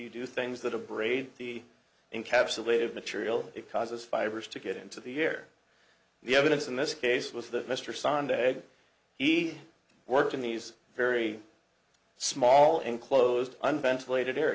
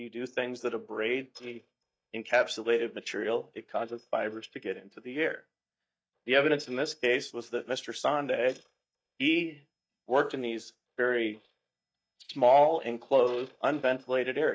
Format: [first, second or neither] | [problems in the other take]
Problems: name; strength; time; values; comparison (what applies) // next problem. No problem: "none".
first | noise reduction (neural mask model DeepFilterNet 3)